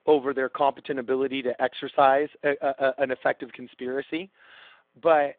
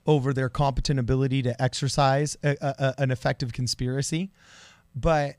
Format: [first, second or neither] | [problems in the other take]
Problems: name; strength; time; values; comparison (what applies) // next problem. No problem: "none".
second | phone-call audio; nothing above 3.5 kHz